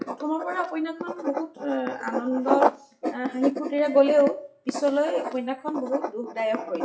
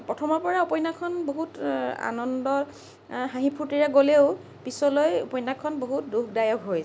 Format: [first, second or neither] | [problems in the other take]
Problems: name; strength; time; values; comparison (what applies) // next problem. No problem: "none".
second | noise reduction (classical method WPE with log-MMSE)